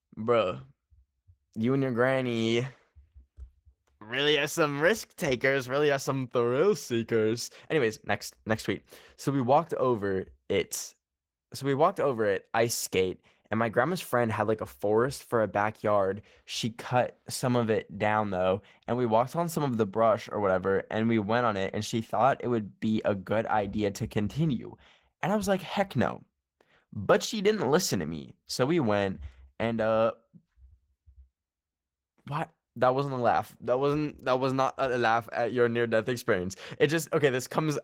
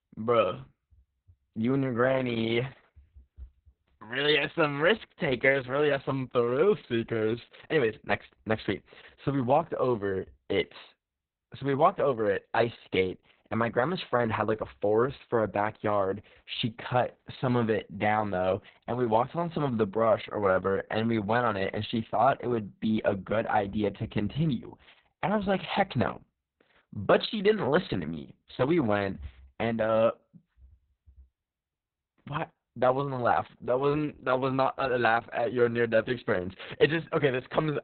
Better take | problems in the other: first | garbled, watery; badly; nothing above 4 kHz; slightly in the first

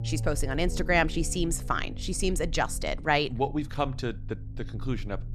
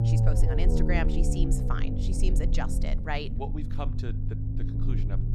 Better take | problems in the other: first | low rumble; loud; throughout; 3 dB below the speech; faint in the first

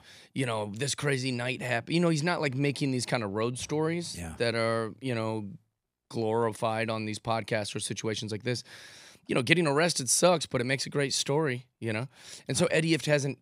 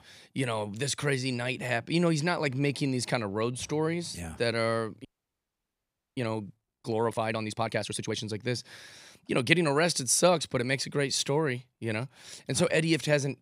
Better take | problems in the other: first | audio freezing; at 5 s for 1 s

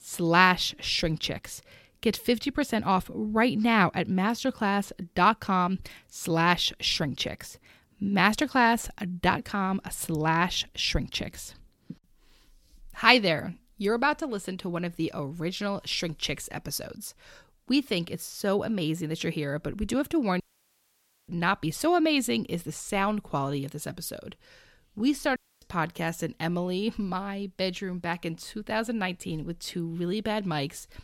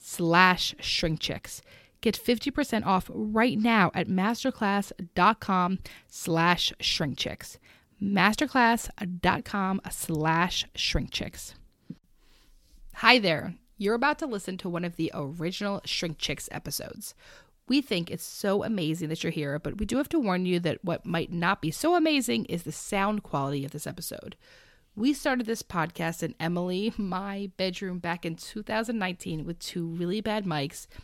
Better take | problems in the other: second | audio cutting out; at 20 s for 1 s and at 25 s

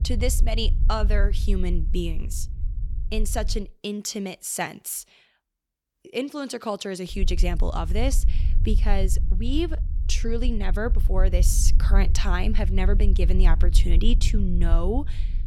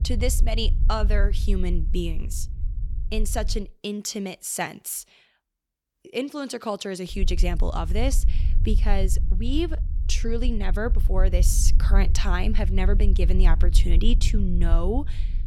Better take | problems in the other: neither | low rumble; noticeable; until 3.5 s and from 7 s on; 15 dB below the speech; the same in both

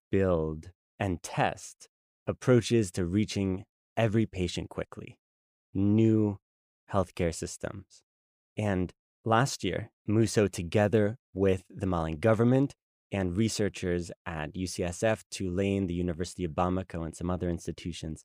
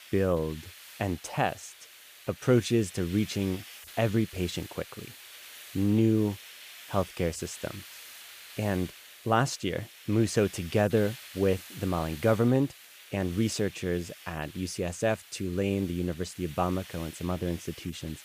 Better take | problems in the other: first | hiss; noticeable; throughout; 15 dB below the speech

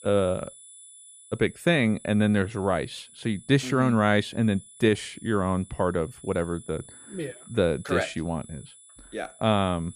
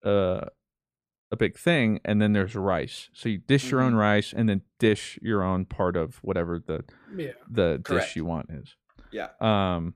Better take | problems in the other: second | high-pitched whine; faint; throughout; 10 kHz, 20 dB below the speech

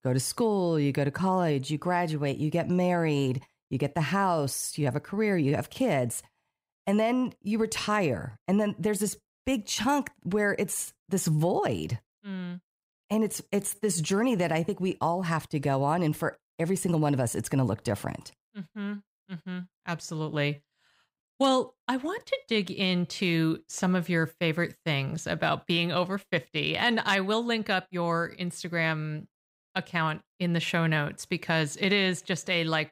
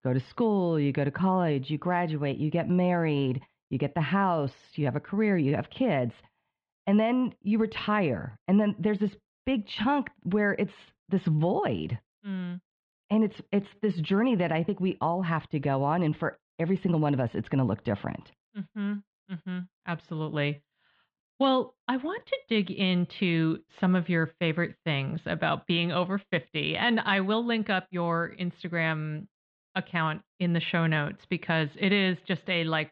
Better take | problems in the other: first | muffled; slightly; fading above 3.5 kHz

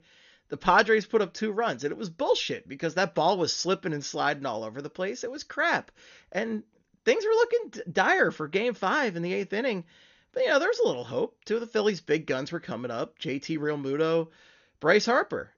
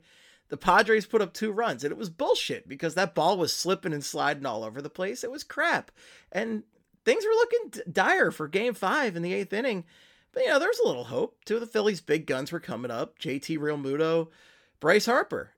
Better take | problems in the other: second | garbled, watery; slightly; nothing above 6.5 kHz

